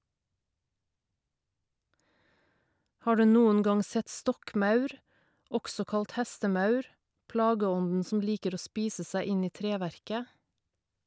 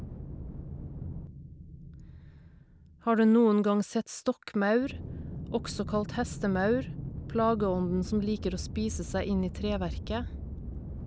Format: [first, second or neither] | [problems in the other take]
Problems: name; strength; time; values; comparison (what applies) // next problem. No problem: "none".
first | background sound (Aircraft); 9 dB below the speech